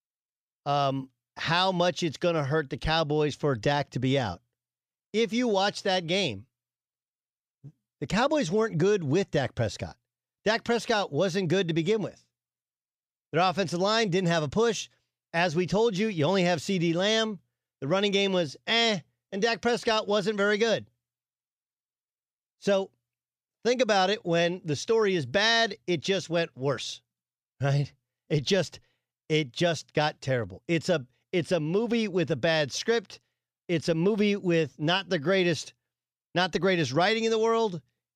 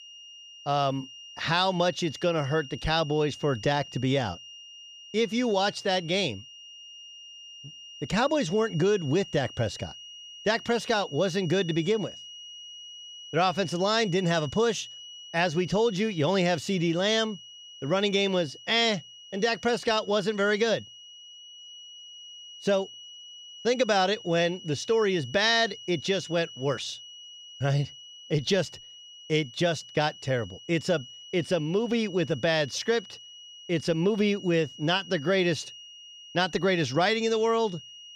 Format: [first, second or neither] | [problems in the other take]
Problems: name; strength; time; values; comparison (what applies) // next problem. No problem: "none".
first | high-pitched whine; noticeable; throughout; 3 kHz, 15 dB below the speech